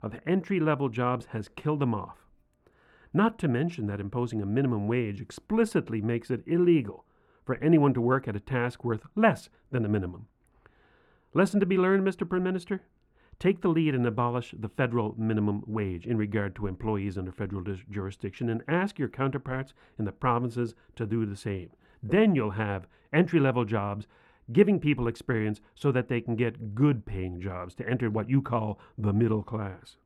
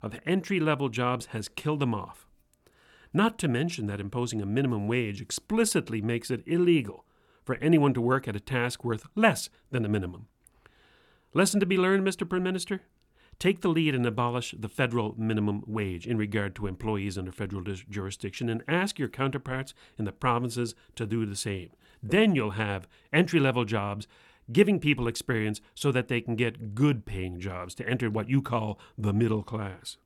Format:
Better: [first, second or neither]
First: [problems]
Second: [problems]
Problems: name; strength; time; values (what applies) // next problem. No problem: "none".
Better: second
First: muffled; slightly; fading above 3 kHz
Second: none